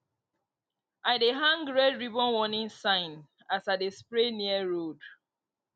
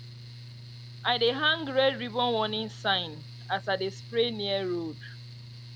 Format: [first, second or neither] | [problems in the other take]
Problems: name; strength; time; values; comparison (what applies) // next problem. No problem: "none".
first | background sound (Mechanical fan); 14 dB below the speech